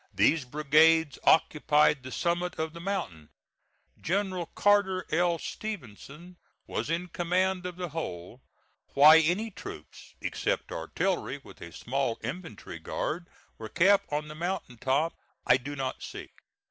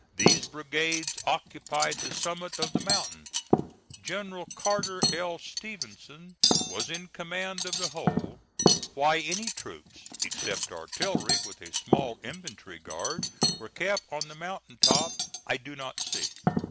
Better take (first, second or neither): first